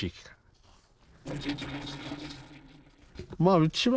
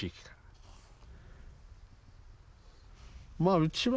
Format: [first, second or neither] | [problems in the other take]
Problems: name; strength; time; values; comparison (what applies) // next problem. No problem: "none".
second | noise reduction (neural separator model SepFormer DNS4)